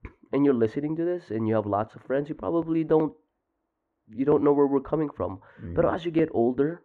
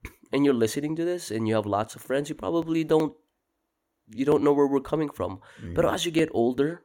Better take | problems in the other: second | muffled; very; fading above 1.5 kHz

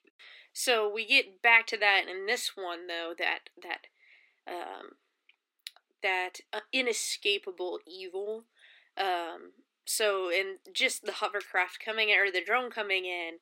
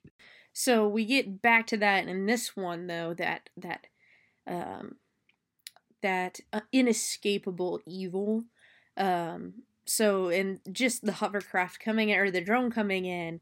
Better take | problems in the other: second | thin; very; fading below 300 Hz

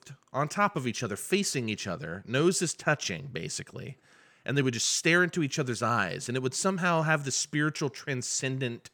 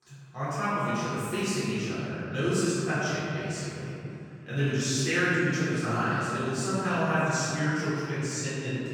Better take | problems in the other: first | off-mic speech; far // room echo; strong; dies away in 2.9 s

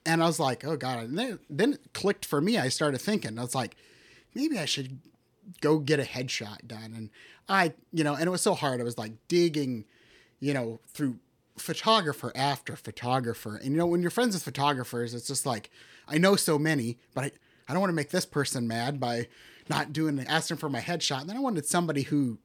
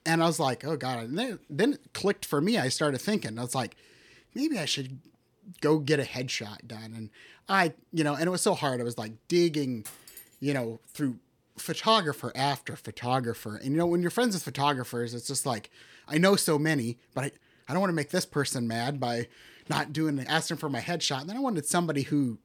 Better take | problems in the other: first | clattering dishes; faint; at 10 s; peak 15 dB below the speech

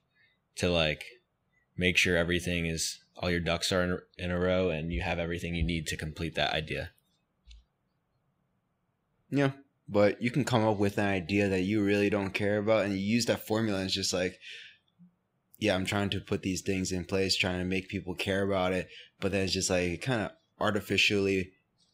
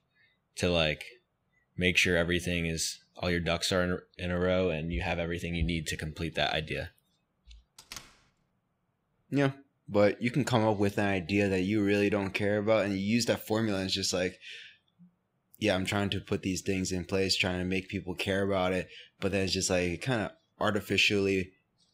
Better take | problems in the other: first | door banging; faint; at 8 s; peak 15 dB below the speech

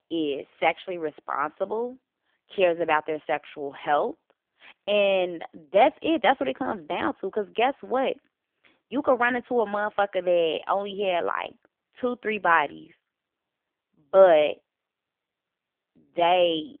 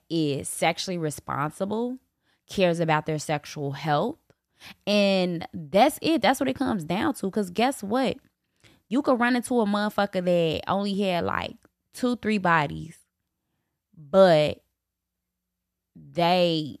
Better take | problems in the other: second | phone-call audio; poor line; nothing above 3.5 kHz

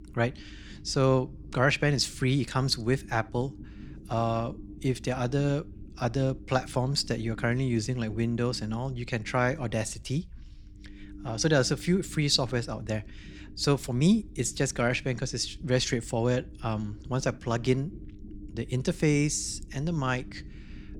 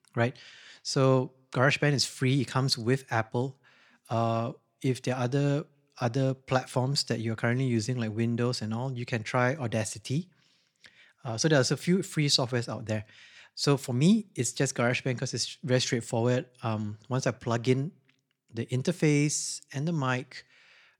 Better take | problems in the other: second | low rumble; faint; throughout; 25 dB below the speech

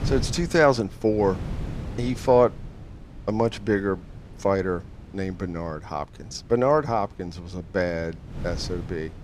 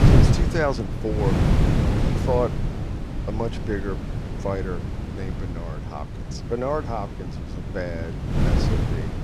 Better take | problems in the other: first | wind noise on the microphone; heavy; 3 dB below the speech; occasional gusts in the first

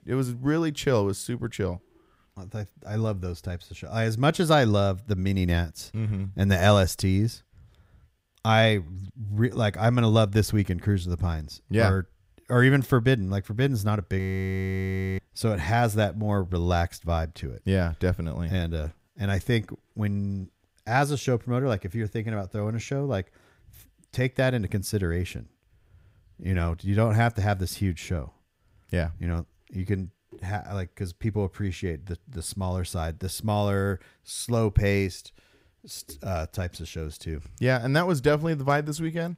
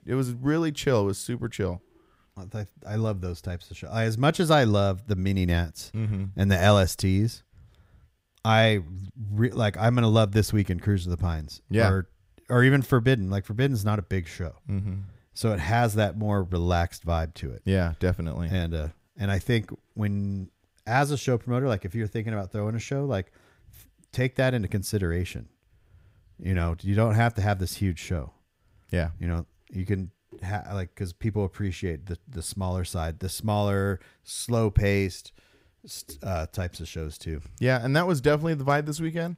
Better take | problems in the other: second | audio freezing; at 14 s for 1 s

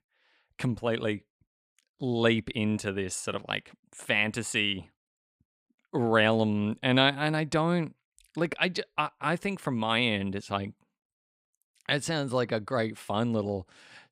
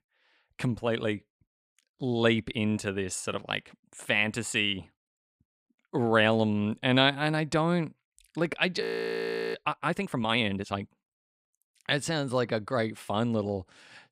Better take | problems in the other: first | audio freezing; at 9 s for 0.5 s

